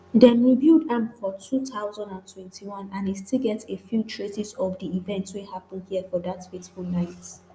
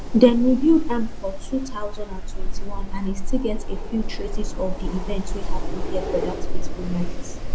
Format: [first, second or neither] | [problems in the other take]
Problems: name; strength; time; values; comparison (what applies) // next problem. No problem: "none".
first | background sound (Wind); 2 dB above the speech